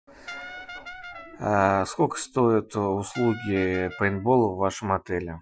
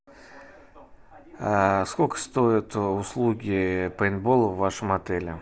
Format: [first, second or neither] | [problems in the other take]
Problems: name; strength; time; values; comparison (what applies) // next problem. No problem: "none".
second | noise reduction (classical method Wiener filter)